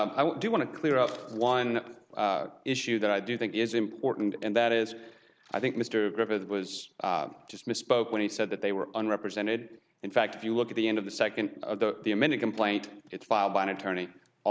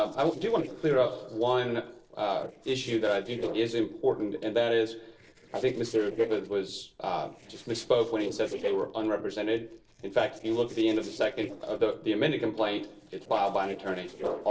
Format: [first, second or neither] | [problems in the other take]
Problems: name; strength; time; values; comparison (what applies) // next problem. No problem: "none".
first | noise reduction (neural separator model SepFormer DNS4)